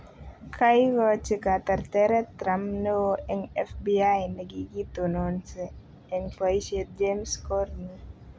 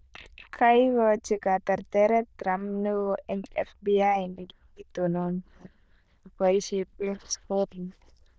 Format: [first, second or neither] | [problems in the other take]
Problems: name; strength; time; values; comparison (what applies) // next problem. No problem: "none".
first | noise reduction (neural diffusion model UNIVERSE++)